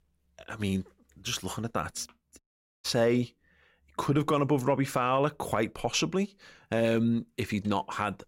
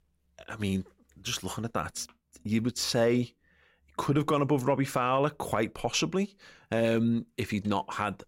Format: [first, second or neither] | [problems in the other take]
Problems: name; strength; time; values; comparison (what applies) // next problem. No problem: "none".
second | audio cutting out; at 2.5 s